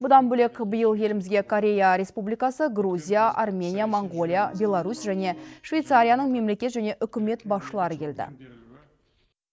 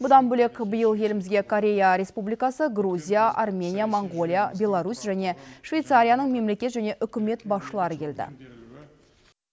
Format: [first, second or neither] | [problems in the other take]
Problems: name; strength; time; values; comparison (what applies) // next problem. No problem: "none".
second | noise reduction (neural mask model DeepFilterNet 3)